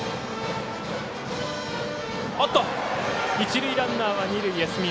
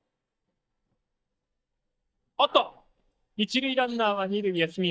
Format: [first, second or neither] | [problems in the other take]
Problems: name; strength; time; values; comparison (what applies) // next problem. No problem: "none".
first | noise reduction (neural mask model DeepFilterNet 3)